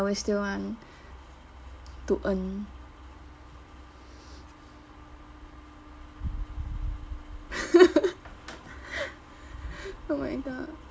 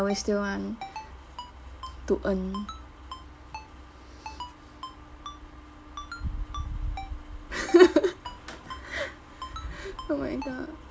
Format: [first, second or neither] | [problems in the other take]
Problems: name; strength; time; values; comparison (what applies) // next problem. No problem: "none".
first | background sound (Ringtone); 15 dB below the speech